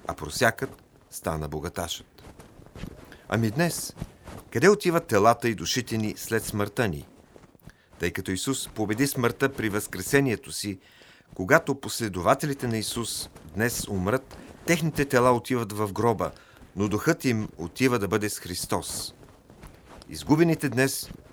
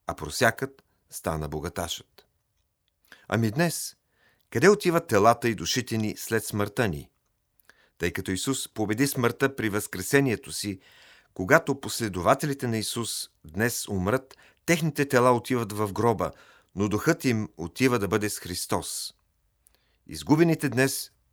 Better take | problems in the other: second | wind noise on the microphone; occasional gusts; 25 dB below the speech

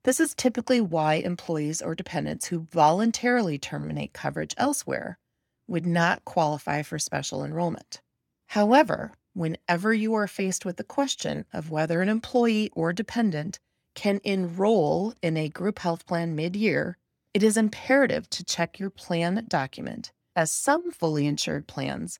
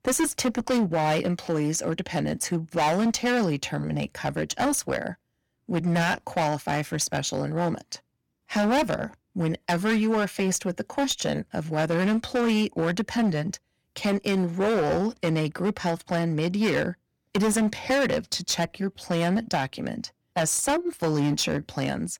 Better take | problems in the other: first | distortion; heavy; 13% of the sound clipped

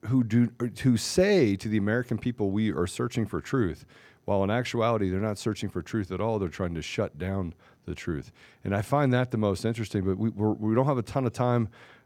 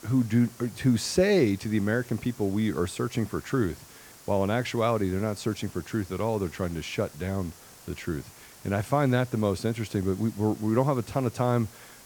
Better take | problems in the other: first | hiss; faint; throughout; 20 dB below the speech

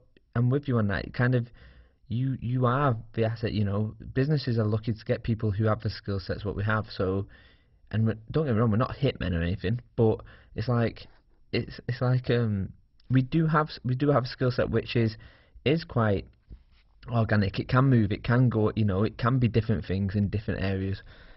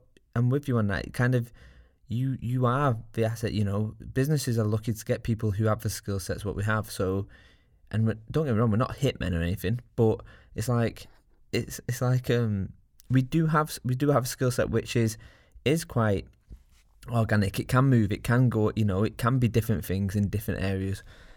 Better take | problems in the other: second | garbled, watery; badly; nothing above 5.5 kHz

